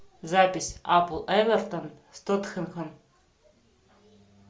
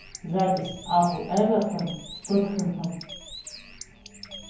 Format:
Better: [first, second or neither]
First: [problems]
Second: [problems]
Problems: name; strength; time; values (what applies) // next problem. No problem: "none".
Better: first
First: none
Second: background sound (Bird); 15 dB below the speech // room echo; dies away in 0.9 s